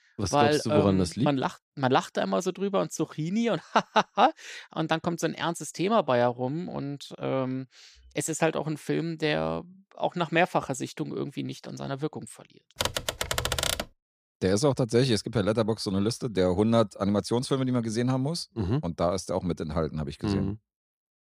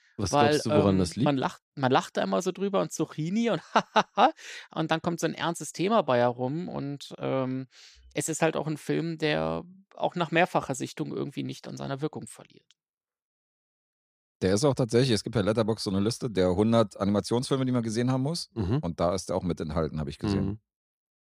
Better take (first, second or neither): second